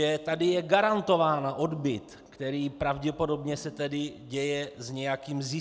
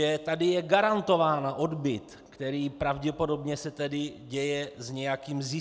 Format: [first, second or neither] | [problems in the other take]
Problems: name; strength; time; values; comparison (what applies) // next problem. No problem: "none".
second | background sound (Organ); 19 dB below the speech